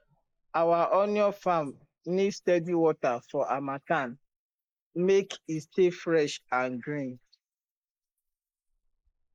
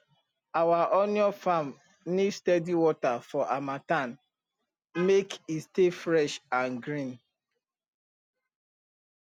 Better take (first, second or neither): second